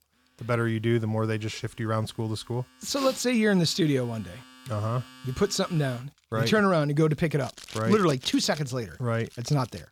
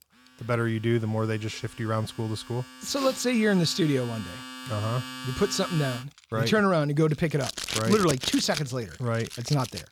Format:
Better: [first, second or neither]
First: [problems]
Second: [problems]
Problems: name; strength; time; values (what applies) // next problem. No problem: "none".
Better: first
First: household noises; faint; throughout; 20 dB below the speech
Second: household noises; loud; throughout; 9 dB below the speech